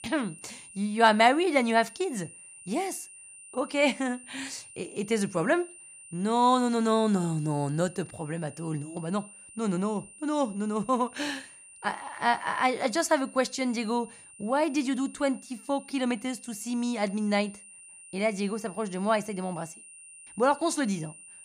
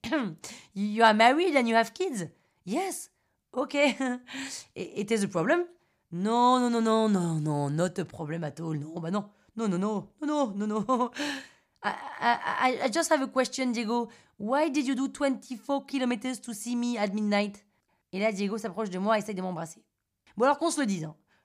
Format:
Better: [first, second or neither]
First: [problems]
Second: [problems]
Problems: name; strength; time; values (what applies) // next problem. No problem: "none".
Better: second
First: high-pitched whine; noticeable; throughout; 9 kHz, 20 dB below the speech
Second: none